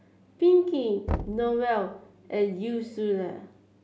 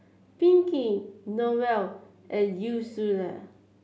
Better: second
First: background sound (Knock); 11 dB below the speech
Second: none

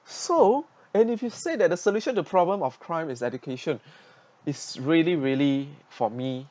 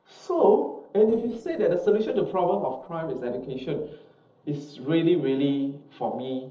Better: first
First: none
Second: noise reduction (neural separator model SepFormer DNS4)

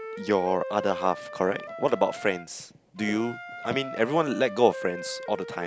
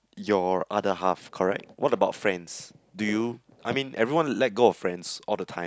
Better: second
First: background sound (Wind instrument, woodwind instrument); 11 dB below the speech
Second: none

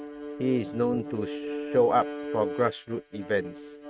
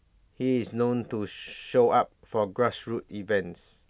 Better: second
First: noise reduction (neural mask model RNNoise)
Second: none

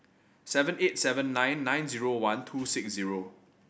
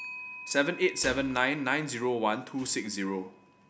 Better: first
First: none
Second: background sound (Gunshot, gunfire + Clock); 15 dB below the speech

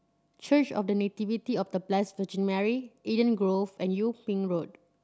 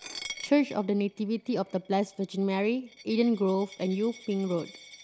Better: first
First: none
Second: background sound (Coin (dropping)); 18 dB below the speech

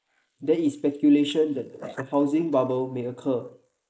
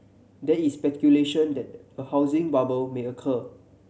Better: second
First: noise reduction (neural mask model Resemble Enhance denoiser)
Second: none

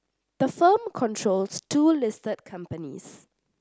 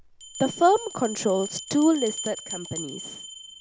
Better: first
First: none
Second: background sound (Bell); 11 dB below the speech

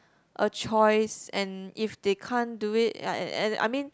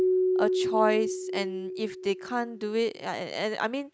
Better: first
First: none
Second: noise reduction (neural mask model RNNoise)

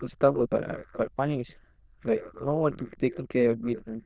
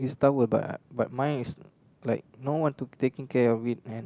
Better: second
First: noise reduction (neural diffusion model UNIVERSE++)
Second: none

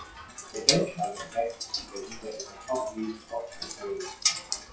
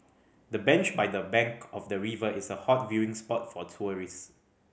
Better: second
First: noise reduction (classical method WPE with log-MMSE)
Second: none

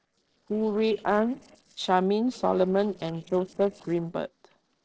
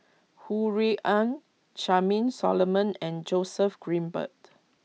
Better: second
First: noise reduction (neural separator model SepFormer DNS4)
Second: none

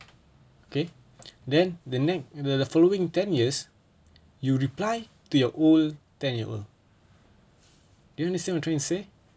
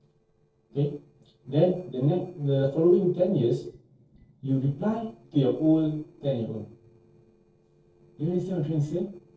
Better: first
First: none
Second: noise reduction (neural separator model SepFormer DNS4)

